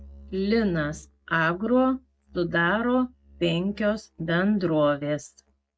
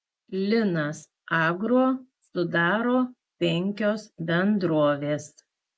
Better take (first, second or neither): second